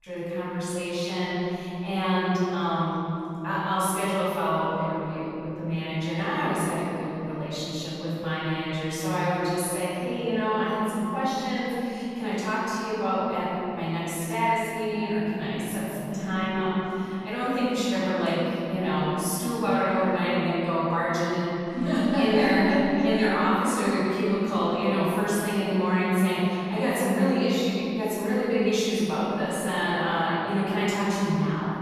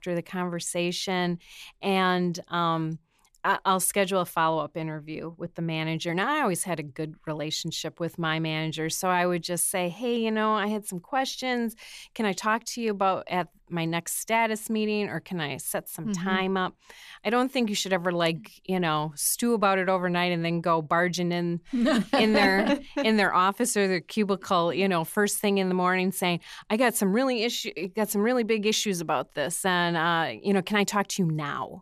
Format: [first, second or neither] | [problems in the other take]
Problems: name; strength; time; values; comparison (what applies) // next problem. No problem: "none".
second | off-mic speech; far // room echo; strong; dies away in 3 s